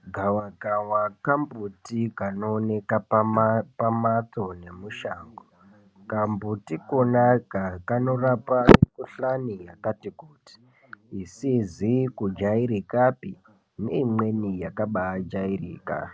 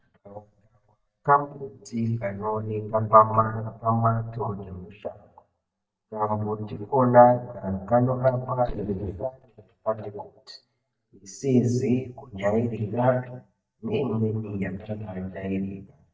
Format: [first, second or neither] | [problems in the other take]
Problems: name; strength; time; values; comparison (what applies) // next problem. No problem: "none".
first | noise reduction (neural mask model DeepFilterNet 3)